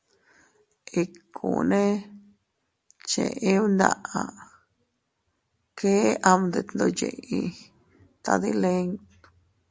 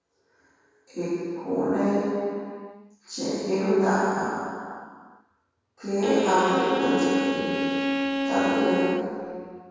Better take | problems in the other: first | background sound (Bowed string instrument); 1 dB below the speech // room echo; dies away in 2.2 s

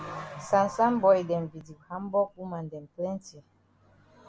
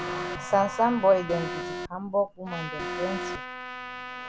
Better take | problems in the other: first | background sound (Alarm + Trumpet); 7 dB below the speech

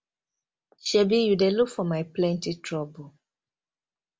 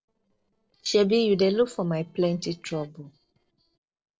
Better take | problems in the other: first | noise reduction (neural separator model SepFormer DNS4)

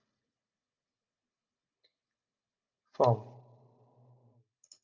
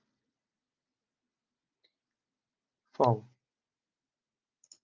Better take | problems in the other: second | room echo; dies away in 0.9 s

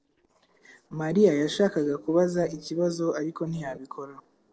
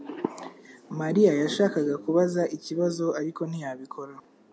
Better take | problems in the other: second | noise reduction (neural separator model SepFormer DNS4)

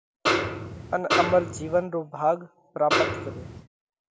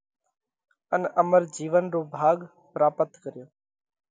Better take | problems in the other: second | background sound (Snare drum); 1 dB above the speech

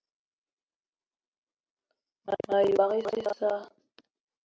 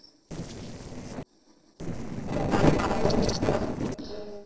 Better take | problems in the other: first | noise reduction (neural separator model SepFormer DNS4)

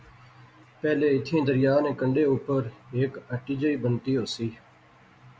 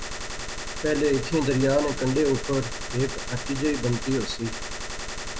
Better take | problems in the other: first | background sound (Gunshot, gunfire); 6 dB below the speech

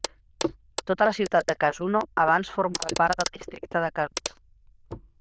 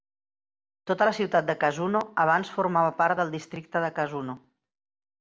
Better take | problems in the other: second | noise reduction (neural diffusion model UNIVERSE++)

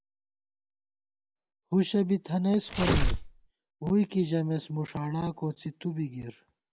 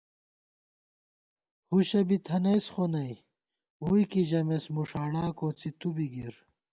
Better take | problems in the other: second | background sound (Tearing); 3 dB above the speech

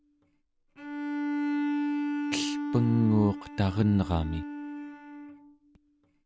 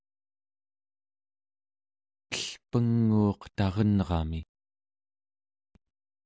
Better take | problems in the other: second | background sound (Bowed string instrument); 3 dB below the speech

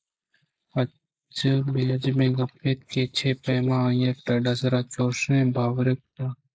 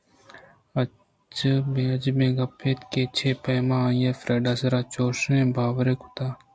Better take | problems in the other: second | noise reduction (neural mask model Resemble Enhance denoiser)

